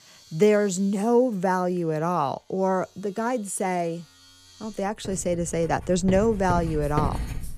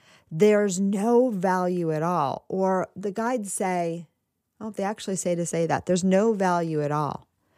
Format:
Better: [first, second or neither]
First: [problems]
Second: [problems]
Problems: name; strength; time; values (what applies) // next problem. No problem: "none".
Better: second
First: household noises; noticeable; throughout; 10 dB below the speech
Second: none